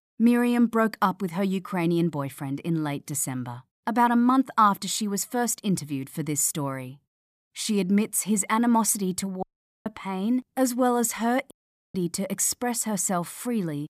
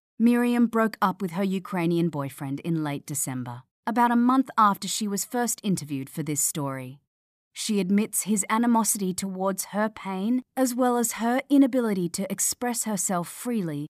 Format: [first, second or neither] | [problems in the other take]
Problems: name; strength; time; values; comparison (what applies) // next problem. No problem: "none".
second | audio cutting out; at 9.5 s and at 12 s